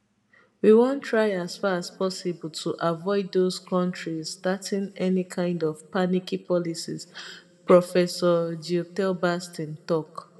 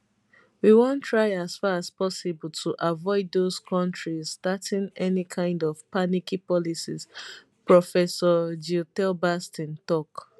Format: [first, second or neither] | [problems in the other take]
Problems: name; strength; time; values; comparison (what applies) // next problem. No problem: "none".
second | room echo; dies away in 1.8 s